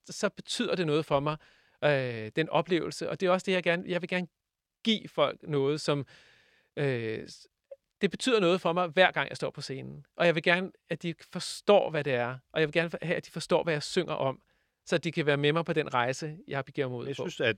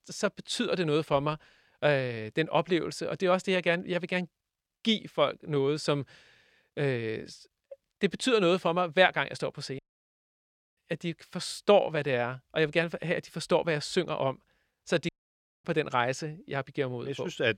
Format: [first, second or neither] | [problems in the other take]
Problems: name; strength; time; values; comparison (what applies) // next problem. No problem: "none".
first | audio cutting out; at 10 s for 1 s and at 15 s for 0.5 s